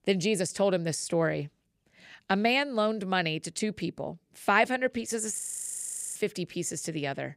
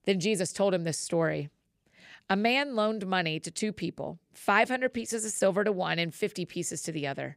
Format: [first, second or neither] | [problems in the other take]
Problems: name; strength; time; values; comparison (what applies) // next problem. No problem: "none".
second | audio freezing; at 5.5 s for 1 s